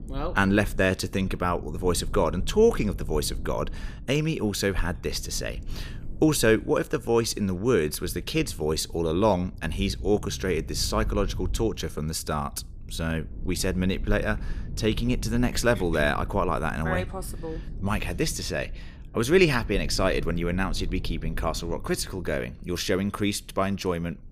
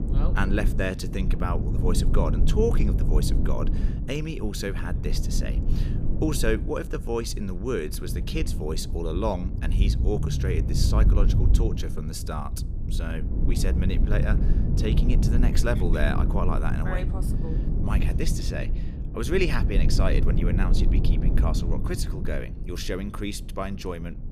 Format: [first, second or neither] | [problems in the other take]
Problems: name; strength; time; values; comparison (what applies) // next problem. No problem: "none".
first | low rumble; loud; throughout; 7 dB below the speech; faint in the first